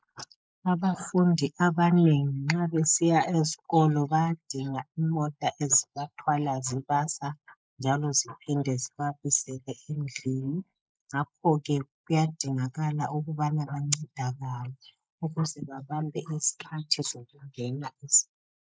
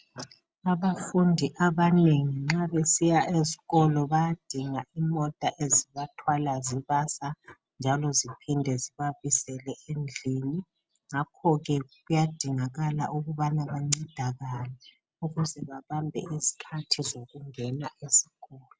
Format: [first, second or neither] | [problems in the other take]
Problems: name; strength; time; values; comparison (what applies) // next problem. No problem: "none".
second | noise reduction (neural mask model Resemble Enhance denoiser)